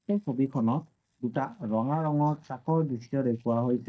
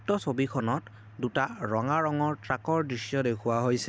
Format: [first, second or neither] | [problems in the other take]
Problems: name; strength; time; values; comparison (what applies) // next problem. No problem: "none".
second | noise reduction (neural mask model DeepFilterNet 3)